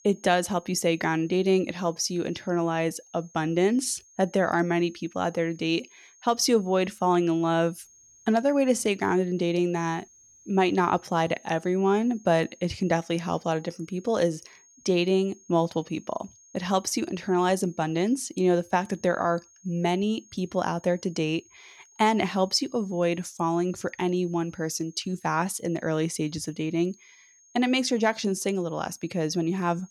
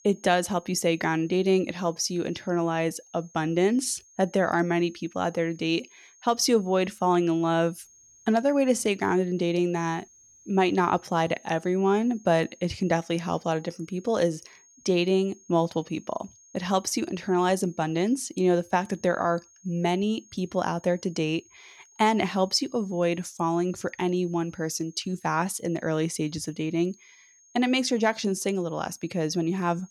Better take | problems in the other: neither | high-pitched whine; faint; throughout; 6.5 kHz, 25 dB below the speech; the same in both

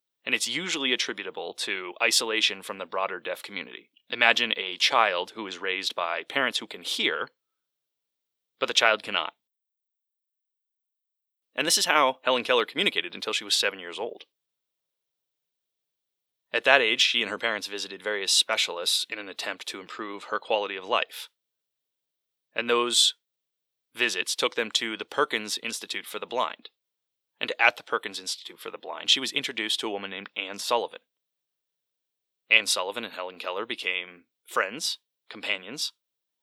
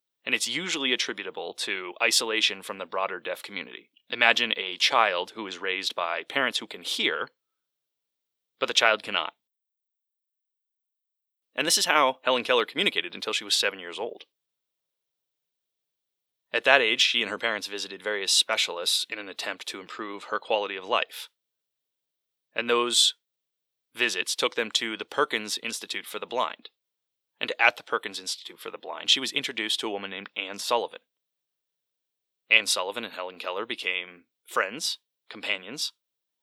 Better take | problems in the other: neither | thin; somewhat; fading below 450 Hz; the same in both

